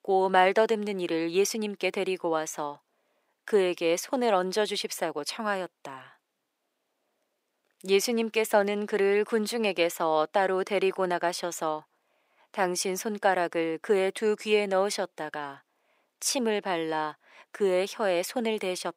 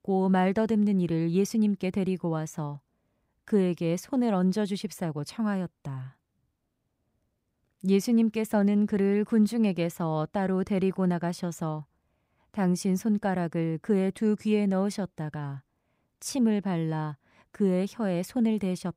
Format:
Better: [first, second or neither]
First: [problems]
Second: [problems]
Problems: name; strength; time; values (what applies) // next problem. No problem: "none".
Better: second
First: thin; very; fading below 400 Hz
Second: none